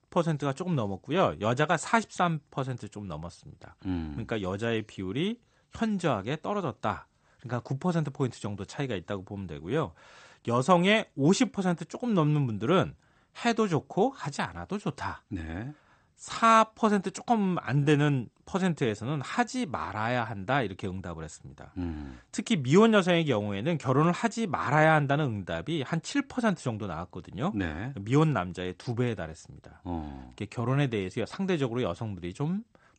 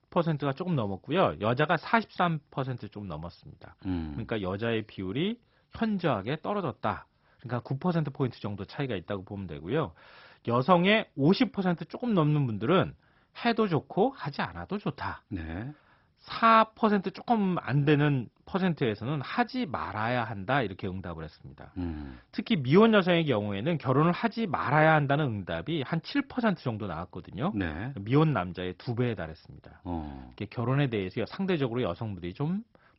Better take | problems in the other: first | garbled, watery; badly; nothing above 5.5 kHz; slightly in the first

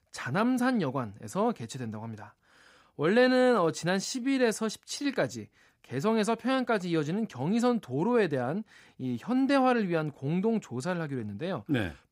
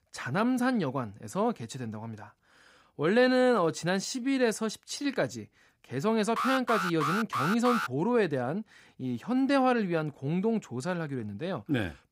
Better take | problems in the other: first | alarm; noticeable; from 6.5 to 8 s; peak 1 dB below the speech

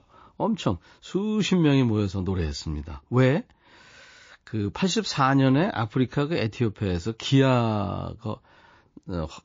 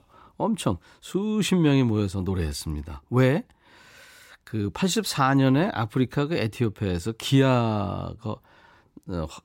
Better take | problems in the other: second | garbled, watery; slightly

